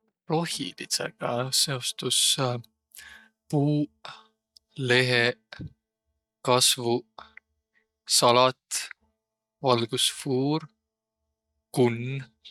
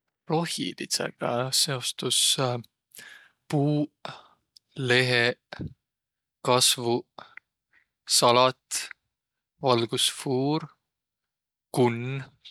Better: second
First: noise reduction (neural mask model DeepFilterNet 3)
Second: none

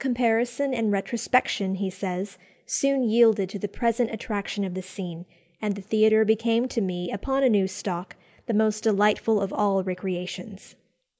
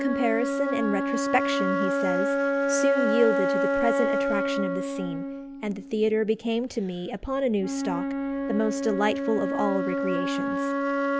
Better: first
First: none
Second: background sound (Wind instrument, woodwind instrument); 1 dB above the speech

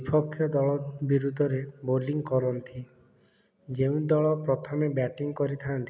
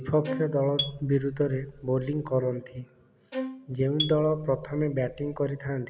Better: first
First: none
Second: background sound (Marimba, xylophone + Bowed string instrument); 9 dB below the speech

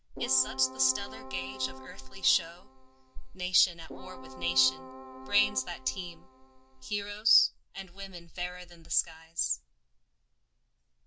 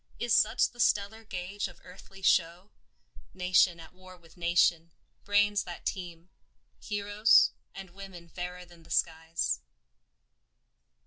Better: second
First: background sound (Keyboard (musical)); 13 dB below the speech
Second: none

